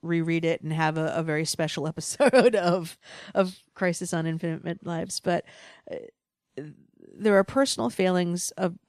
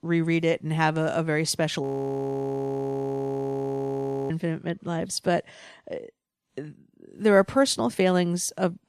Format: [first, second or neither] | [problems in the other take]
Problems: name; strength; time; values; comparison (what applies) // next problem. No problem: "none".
first | audio freezing; at 2 s for 2.5 s